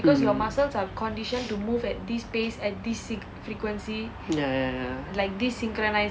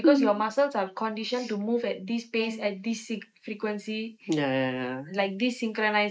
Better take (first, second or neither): first